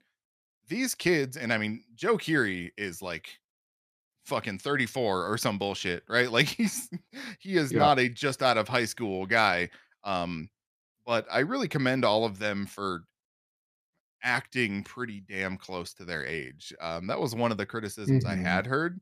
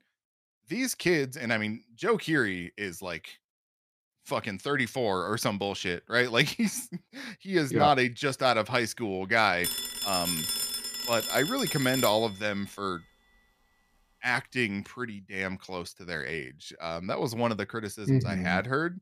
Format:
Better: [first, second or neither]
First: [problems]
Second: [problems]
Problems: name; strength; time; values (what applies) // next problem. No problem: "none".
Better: first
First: none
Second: phone ringing; loud; from 9.5 to 12 s; peak 1 dB above the speech